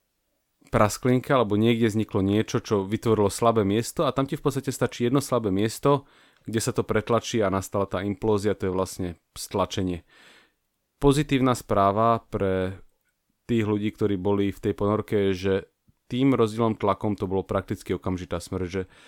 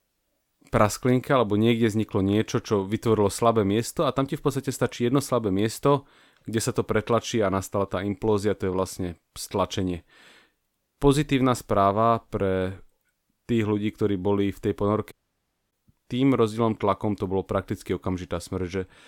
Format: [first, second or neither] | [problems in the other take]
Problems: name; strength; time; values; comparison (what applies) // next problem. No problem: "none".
first | audio cutting out; at 15 s for 0.5 s